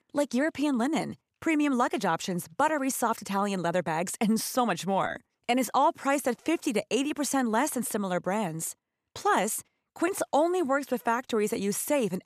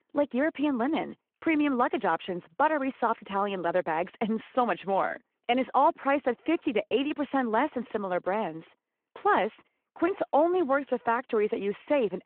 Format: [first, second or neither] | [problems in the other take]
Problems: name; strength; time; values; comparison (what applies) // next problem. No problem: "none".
first | phone-call audio